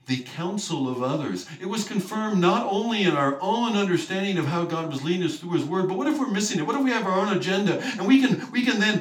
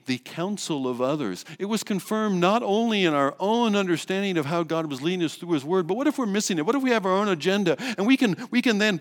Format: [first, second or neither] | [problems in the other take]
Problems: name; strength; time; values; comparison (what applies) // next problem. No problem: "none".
second | room echo; slight; dies away in 0.3 s // off-mic speech; somewhat distant